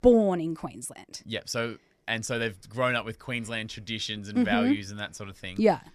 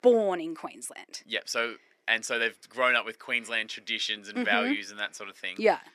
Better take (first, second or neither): first